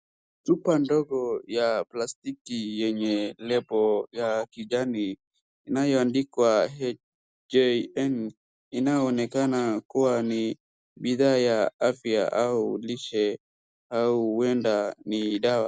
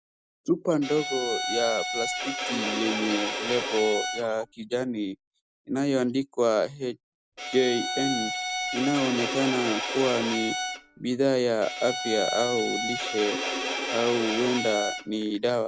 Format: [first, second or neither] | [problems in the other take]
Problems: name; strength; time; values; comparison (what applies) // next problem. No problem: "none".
first | background sound (Bowed string instrument); 3 dB below the speech